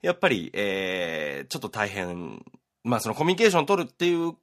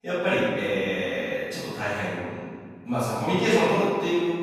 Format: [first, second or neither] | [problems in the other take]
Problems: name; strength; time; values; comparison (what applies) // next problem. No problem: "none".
first | off-mic speech; far // room echo; strong; dies away in 1.7 s